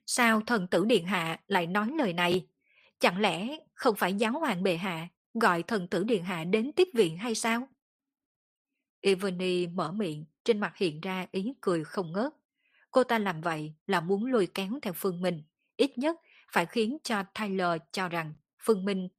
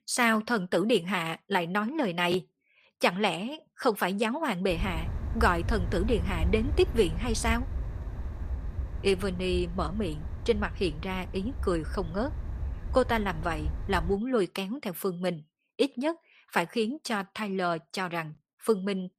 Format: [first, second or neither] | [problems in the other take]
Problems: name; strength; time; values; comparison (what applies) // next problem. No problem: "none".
first | wind noise on the microphone; occasional gusts; from 4.5 to 14 s; 20 dB below the speech